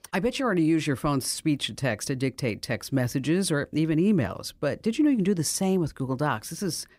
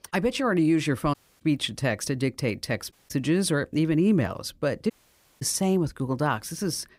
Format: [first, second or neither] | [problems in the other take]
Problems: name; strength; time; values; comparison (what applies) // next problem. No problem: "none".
first | audio cutting out; at 1 s, at 3 s and at 5 s for 0.5 s